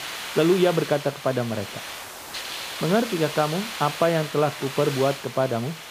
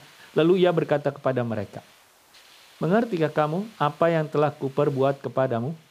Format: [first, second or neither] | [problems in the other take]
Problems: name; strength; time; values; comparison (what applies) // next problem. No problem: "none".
second | hiss; loud; throughout; 9 dB below the speech; faint in the second